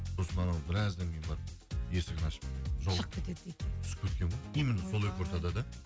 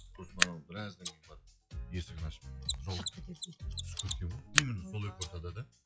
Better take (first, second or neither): first